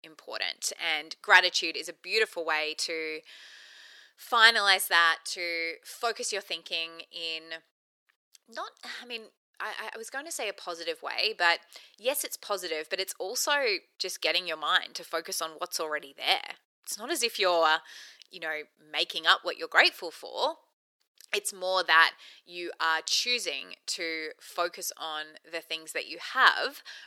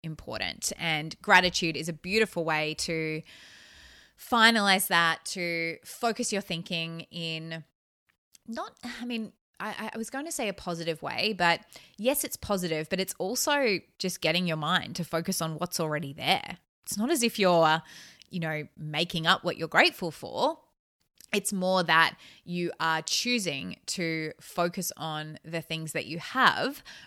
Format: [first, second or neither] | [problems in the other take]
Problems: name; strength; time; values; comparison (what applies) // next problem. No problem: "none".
second | thin; very; fading below 400 Hz